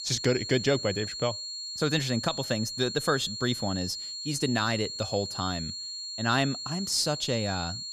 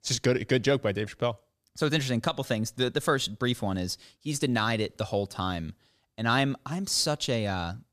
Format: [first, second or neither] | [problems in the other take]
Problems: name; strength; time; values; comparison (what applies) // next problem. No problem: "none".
second | high-pitched whine; loud; throughout; 4.5 kHz, 5 dB below the speech